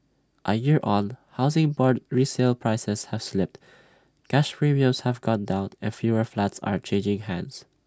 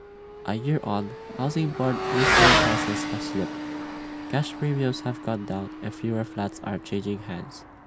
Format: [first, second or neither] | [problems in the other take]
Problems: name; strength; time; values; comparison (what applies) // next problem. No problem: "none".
first | background sound (Motorcycle / Accelerating, revving, vroom); 1 dB above the speech